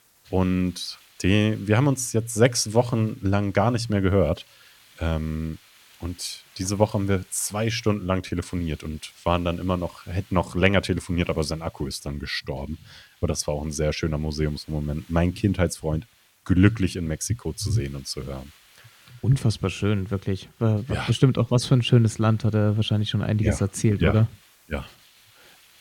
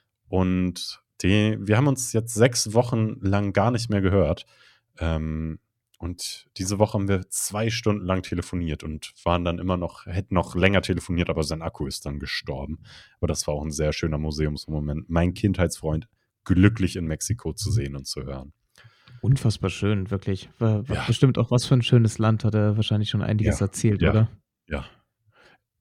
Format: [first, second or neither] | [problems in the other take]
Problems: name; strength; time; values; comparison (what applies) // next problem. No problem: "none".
second | hiss; faint; throughout; 30 dB below the speech